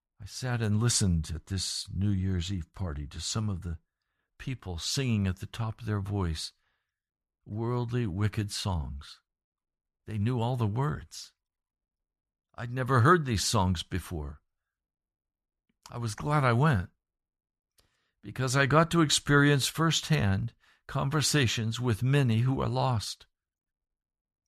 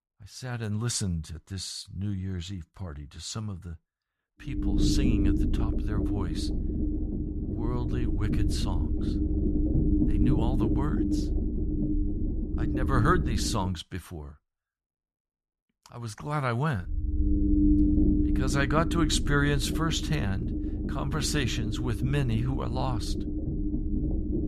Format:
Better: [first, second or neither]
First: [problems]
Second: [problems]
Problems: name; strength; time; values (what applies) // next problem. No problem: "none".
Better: first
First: none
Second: low rumble; loud; from 4.5 to 14 s and from 17 s on; 2 dB below the speech